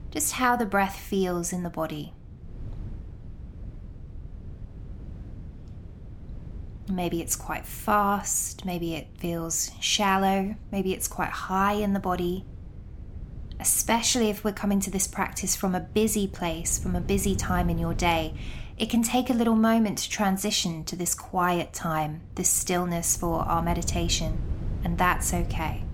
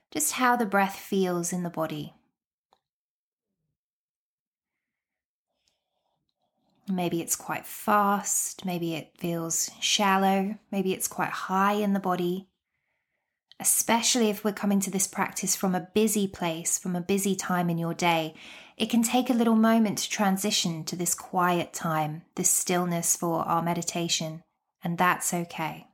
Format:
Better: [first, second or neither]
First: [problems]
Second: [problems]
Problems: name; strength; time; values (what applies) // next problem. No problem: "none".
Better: second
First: wind noise on the microphone; occasional gusts; 25 dB below the speech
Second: none